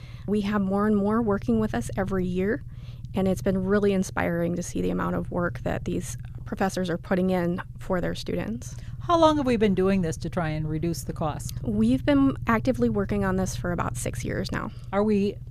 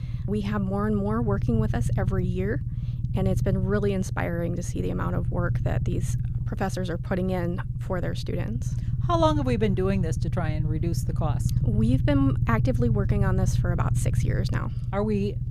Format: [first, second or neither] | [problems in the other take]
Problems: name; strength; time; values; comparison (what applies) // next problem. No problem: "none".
first | low rumble; loud; throughout; 10 dB below the speech; faint in the first